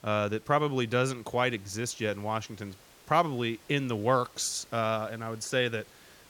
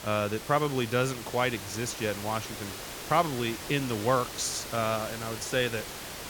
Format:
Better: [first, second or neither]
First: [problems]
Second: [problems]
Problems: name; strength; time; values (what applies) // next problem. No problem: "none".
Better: first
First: hiss; faint; throughout; 25 dB below the speech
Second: hiss; loud; throughout; 9 dB below the speech